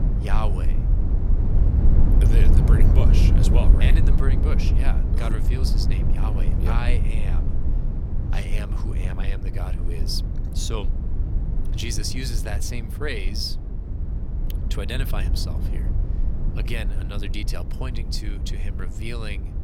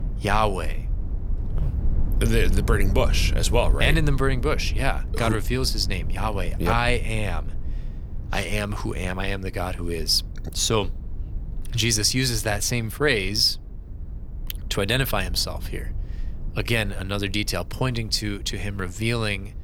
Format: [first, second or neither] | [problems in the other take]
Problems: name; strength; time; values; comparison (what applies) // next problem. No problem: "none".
second | low rumble; loud; throughout; 4 dB below the speech; faint in the second